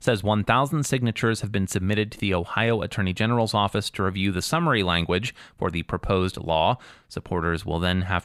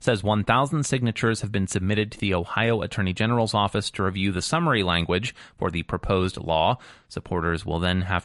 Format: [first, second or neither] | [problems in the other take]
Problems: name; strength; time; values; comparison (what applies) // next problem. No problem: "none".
first | garbled, watery; slightly; nothing above 11 kHz